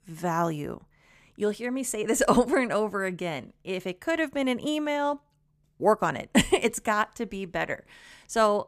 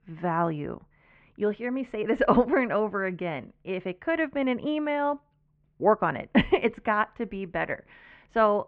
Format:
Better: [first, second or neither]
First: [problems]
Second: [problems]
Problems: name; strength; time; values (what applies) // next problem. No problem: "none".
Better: first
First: none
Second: muffled; very; fading above 2.5 kHz